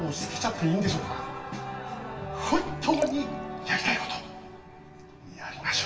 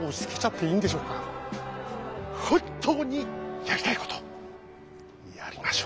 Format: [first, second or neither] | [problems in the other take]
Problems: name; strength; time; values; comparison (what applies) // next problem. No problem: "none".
second | background sound (Liquid); 8 dB below the speech // room echo; dies away in 0.9 s